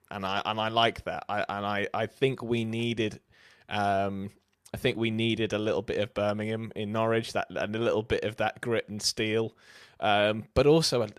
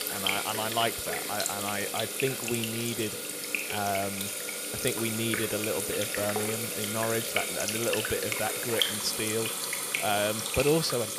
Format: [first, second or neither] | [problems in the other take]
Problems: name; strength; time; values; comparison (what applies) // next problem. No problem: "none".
first | household noises; very loud; throughout; 1 dB above the speech